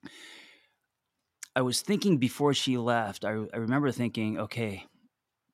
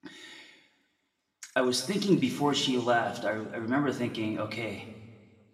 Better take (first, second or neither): first